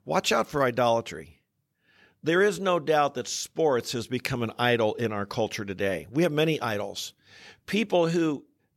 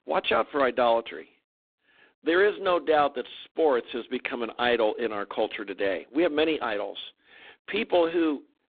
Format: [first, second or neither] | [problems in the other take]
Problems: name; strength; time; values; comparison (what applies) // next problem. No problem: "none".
first | phone-call audio; poor line